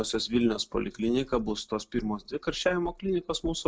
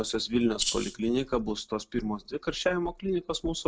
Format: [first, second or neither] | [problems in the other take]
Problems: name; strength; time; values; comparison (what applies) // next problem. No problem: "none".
first | background sound (Rattle (instrument)); 2 dB below the speech